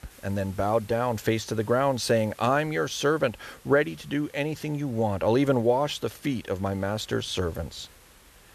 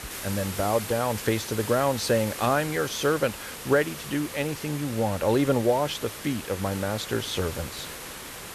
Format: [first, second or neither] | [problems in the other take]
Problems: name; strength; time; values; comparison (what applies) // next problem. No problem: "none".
first | hiss; loud; throughout; 9 dB below the speech; faint in the first